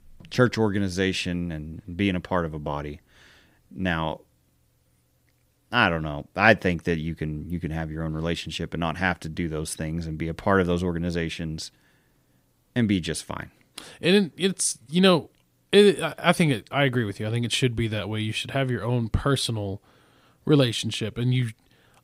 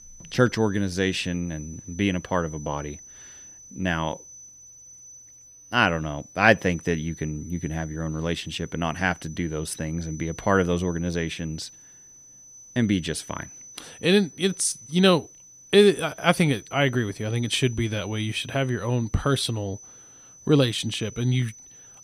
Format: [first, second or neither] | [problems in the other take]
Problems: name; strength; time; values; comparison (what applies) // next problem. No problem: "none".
first | high-pitched whine; noticeable; throughout; 6 kHz, 20 dB below the speech